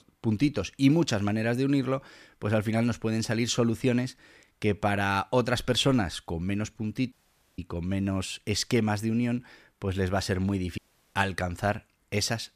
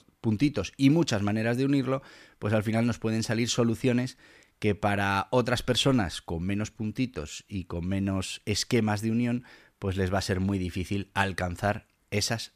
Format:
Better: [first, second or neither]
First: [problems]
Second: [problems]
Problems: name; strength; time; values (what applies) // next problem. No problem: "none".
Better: second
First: audio cutting out; at 7 s and at 11 s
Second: none